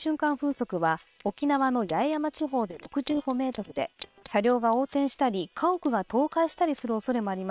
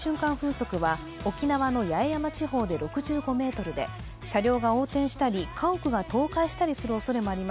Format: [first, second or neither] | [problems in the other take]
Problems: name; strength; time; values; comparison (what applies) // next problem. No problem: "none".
second | noise reduction (neural separator model SepFormer WHAM!)